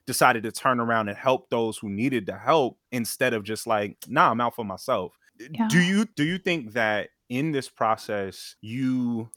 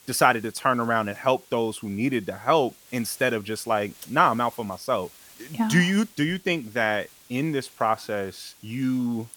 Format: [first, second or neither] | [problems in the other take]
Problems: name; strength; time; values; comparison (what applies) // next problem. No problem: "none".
first | hiss; faint; throughout; 25 dB below the speech